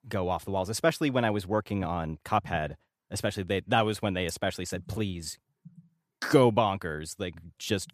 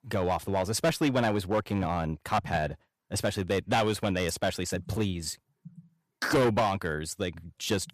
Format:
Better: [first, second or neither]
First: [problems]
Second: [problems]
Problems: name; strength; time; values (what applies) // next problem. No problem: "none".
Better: first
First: none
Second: distortion; heavy; 5% of the sound clipped